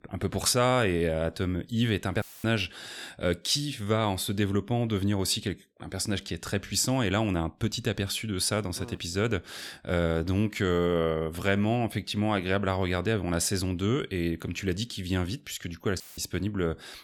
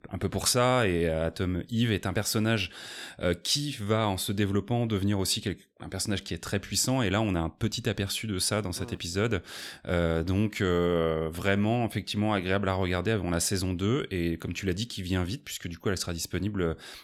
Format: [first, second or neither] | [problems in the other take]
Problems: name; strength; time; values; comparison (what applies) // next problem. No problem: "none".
second | audio cutting out; filled with static; at 2 s and at 16 s